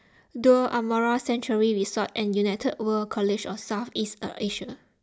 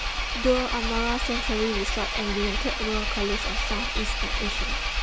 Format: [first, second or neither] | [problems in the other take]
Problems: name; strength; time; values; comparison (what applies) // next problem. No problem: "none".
first | background sound (Engine); 3 dB above the speech